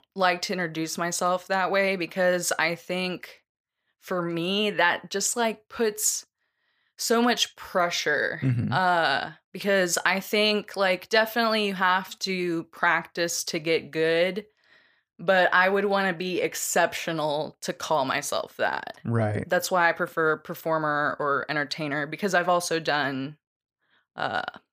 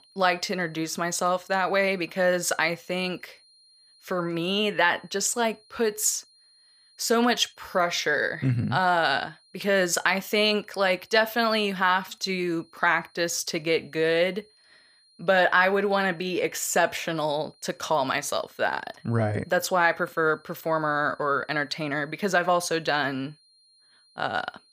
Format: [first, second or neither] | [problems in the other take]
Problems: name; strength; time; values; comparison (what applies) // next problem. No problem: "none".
first | high-pitched whine; faint; throughout; 4 kHz, 30 dB below the speech